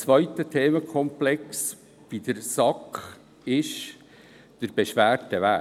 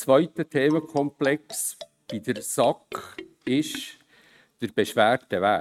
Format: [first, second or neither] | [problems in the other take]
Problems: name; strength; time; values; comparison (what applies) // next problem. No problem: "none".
first | noise reduction (neural mask model RNNoise)